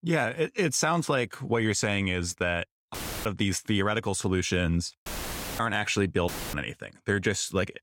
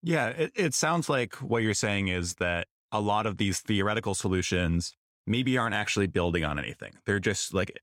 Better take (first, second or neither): second